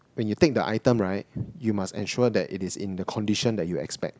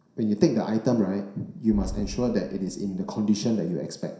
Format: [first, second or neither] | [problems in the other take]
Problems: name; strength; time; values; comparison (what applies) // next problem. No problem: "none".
first | background sound (Boom); 13 dB below the speech // room echo; dies away in 0.7 s